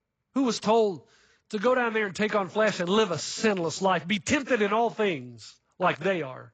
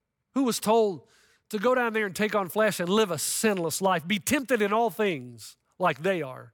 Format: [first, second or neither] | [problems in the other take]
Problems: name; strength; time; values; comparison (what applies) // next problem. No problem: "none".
second | garbled, watery; badly; nothing above 7.5 kHz